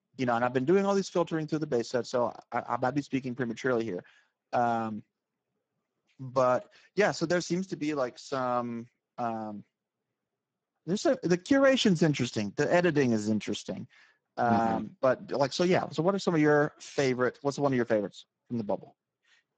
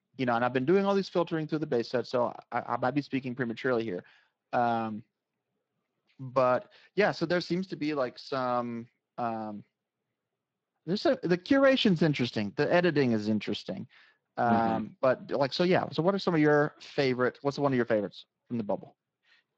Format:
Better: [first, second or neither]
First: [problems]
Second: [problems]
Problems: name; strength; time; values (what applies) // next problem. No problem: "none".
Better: second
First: garbled, watery; badly; nothing above 7.5 kHz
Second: garbled, watery; slightly